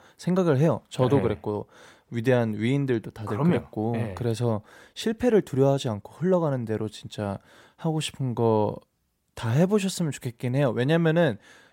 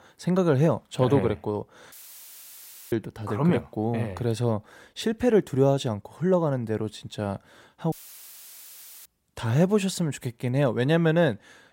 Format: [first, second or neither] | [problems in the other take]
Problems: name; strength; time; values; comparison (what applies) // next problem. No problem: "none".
first | audio cutting out; filled with static; at 2 s for 1 s and at 8 s for 1 s